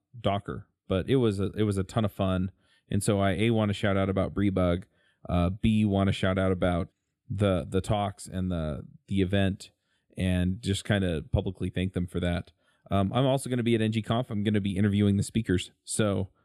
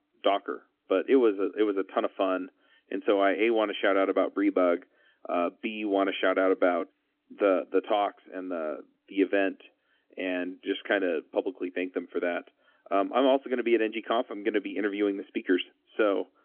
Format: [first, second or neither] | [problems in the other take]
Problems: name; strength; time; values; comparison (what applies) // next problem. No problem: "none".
first | phone-call audio; nothing above 3.5 kHz